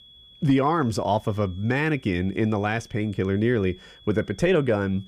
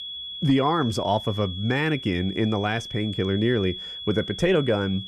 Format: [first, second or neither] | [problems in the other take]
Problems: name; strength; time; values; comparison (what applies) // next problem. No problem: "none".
first | high-pitched whine; loud; throughout; 3.5 kHz, 10 dB below the speech; faint in the first